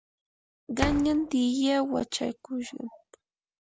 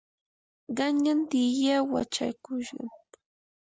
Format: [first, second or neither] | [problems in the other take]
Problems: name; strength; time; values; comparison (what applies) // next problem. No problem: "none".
second | background sound (Slam); 10 dB below the speech